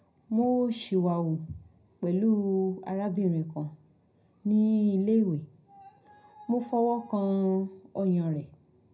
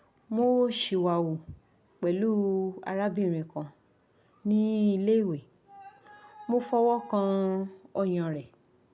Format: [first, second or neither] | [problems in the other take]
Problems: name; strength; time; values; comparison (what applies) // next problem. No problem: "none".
second | room echo; dies away in 0.3 s